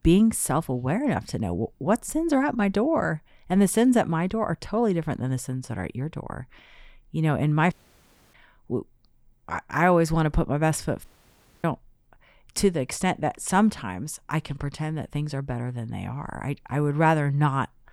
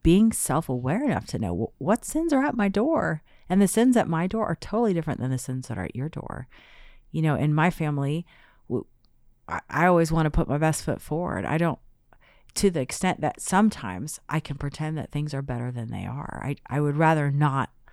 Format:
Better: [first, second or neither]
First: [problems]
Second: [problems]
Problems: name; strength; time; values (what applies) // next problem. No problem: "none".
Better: second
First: audio cutting out; at 7.5 s for 0.5 s and at 11 s for 0.5 s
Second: none